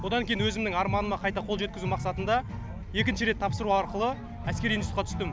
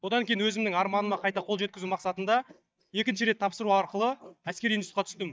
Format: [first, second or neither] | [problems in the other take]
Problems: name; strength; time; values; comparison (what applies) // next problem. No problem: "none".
first | noise reduction (neural mask model DeepFilterNet 3)